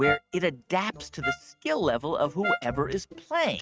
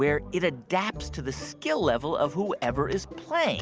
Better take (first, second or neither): second